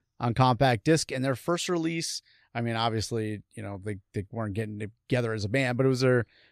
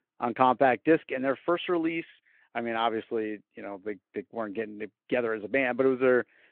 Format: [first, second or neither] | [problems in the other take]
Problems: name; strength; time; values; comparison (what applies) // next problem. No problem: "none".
first | phone-call audio